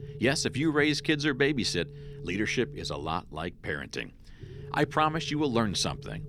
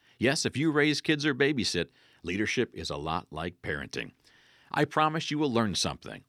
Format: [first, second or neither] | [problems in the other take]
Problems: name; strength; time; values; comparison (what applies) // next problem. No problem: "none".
second | low rumble; faint; throughout; 20 dB below the speech